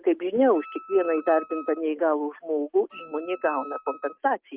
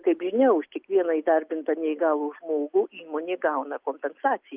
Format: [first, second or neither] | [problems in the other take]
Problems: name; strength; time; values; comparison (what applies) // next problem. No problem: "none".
second | noise reduction (neural mask model RNNoise)